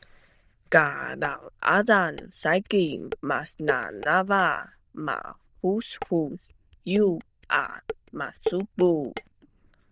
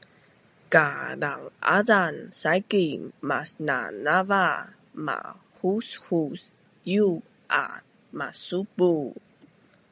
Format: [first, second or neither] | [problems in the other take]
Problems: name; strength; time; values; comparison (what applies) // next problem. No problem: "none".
second | noise reduction (neural diffusion model UNIVERSE++)